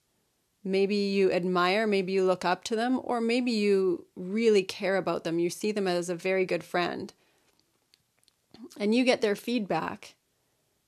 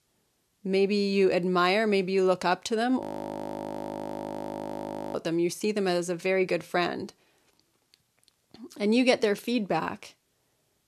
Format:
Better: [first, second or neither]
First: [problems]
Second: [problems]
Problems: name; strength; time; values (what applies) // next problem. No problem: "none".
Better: first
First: none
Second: audio freezing; at 3 s for 2 s